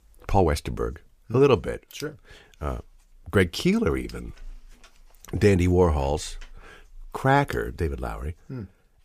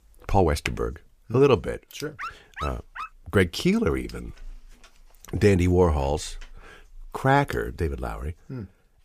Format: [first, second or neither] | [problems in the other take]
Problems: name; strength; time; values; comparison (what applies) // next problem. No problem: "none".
first | keyboard typing; very faint; at 0.5 s; peak 10 dB below the speech // dog barking; faint; at 2 s; peak 10 dB below the speech